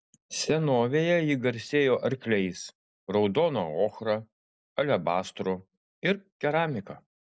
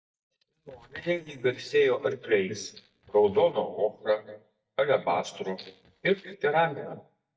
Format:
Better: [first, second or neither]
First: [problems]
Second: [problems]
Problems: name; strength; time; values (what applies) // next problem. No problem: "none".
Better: first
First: none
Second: noise reduction (neural mask model DeepFilterNet 3)